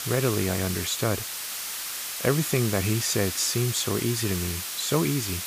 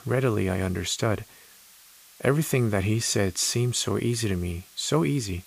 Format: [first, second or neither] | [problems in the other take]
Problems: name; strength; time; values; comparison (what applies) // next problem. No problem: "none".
second | hiss; loud; throughout; 4 dB below the speech; faint in the second